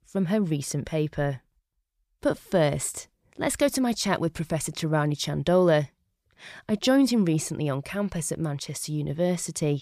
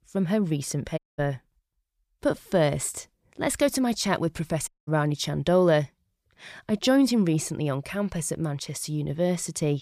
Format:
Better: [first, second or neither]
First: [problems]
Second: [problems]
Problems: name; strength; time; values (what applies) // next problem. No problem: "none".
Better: first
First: none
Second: audio cutting out; at 1 s and at 4.5 s